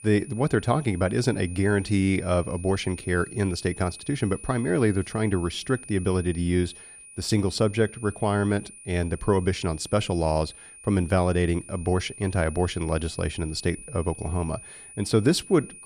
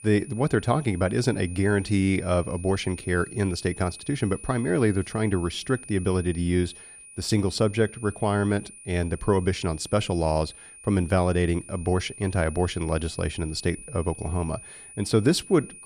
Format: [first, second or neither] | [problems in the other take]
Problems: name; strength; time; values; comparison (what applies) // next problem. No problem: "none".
neither | high-pitched whine; noticeable; throughout; 9.5 kHz, 15 dB below the speech; the same in both